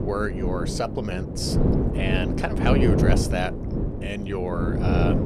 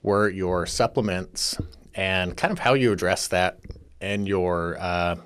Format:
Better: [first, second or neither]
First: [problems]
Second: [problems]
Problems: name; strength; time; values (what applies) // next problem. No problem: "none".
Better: second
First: wind noise on the microphone; heavy; 2 dB below the speech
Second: none